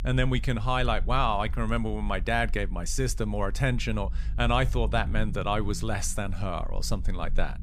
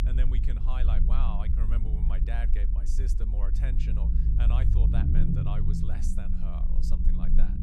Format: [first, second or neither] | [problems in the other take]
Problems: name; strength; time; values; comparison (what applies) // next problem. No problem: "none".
first | low rumble; loud; throughout; as loud as the speech; faint in the first